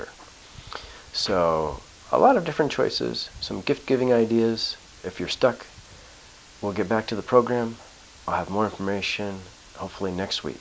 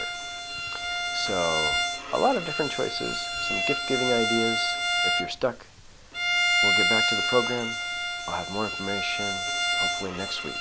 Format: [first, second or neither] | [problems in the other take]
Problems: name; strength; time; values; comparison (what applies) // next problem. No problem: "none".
first | background sound (Bowed string instrument); 3 dB above the speech